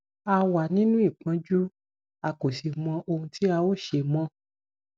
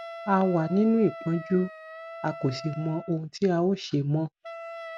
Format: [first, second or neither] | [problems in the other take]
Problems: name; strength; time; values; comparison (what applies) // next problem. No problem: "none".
first | background sound (Wind instrument, woodwind instrument); 14 dB below the speech